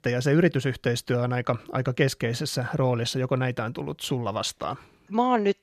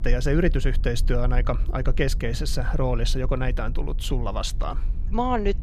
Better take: first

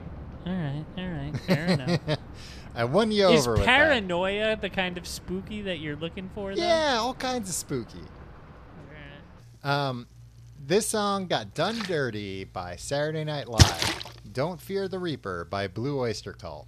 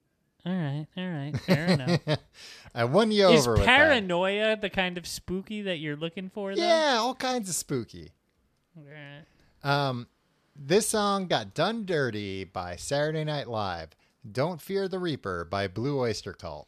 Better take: second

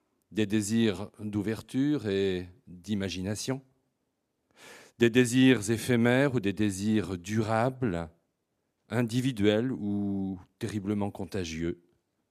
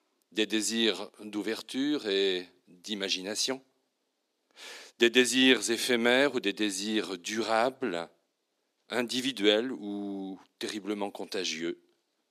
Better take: first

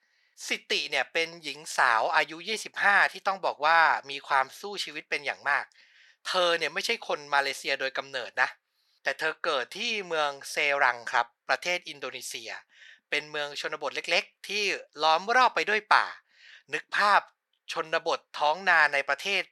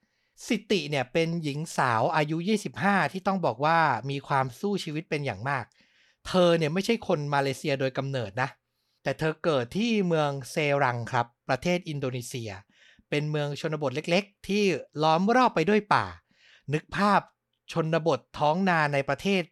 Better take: second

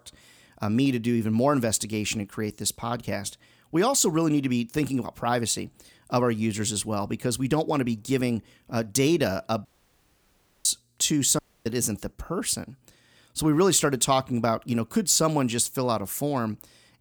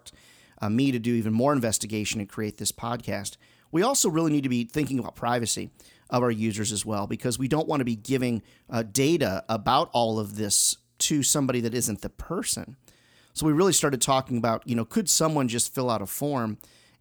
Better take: second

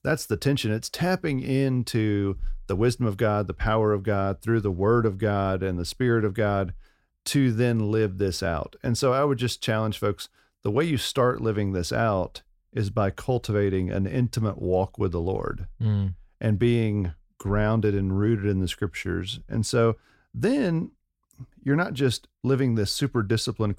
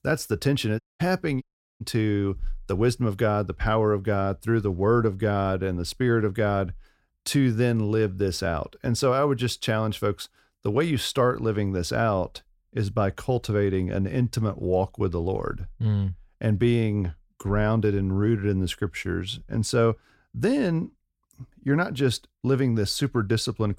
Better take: first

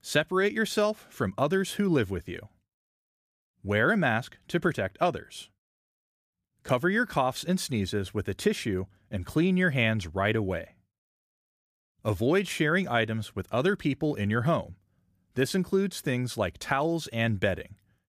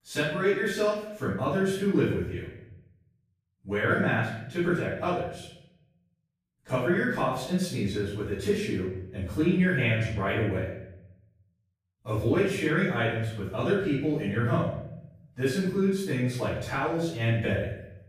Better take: first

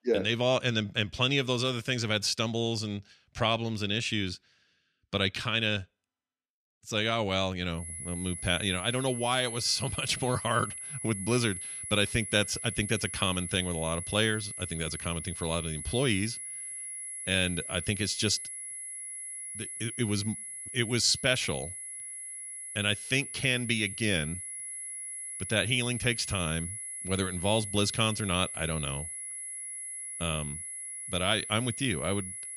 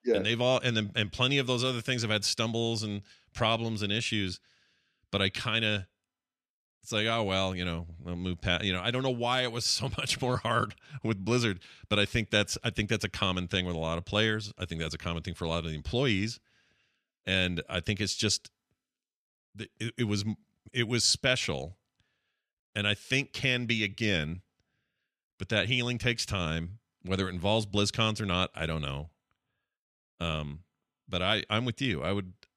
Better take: second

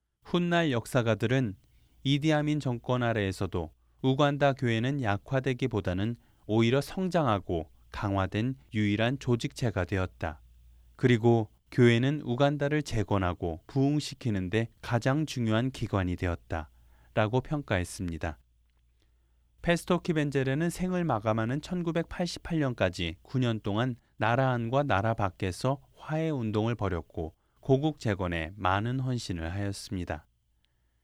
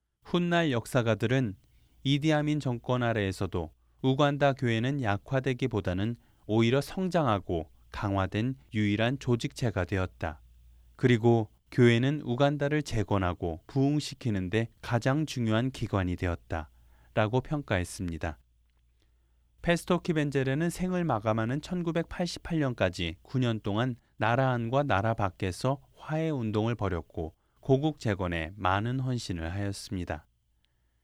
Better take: neither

